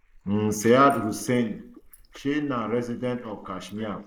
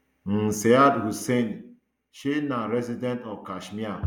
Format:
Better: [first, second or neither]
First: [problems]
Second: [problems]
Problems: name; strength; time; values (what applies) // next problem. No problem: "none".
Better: second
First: noise reduction (neural mask model Resemble Enhance denoiser)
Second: none